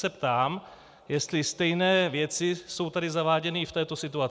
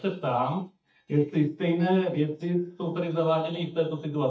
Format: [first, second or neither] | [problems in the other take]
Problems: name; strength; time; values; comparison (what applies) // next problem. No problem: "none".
first | noise reduction (neural mask model DeepFilterNet 3)